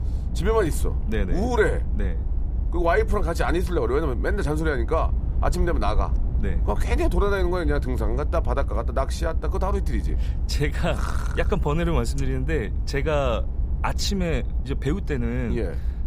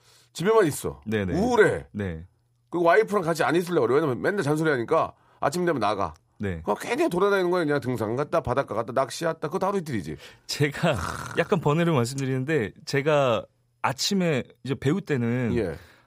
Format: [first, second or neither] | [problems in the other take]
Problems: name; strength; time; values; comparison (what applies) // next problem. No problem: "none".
second | low rumble; noticeable; throughout; 15 dB below the speech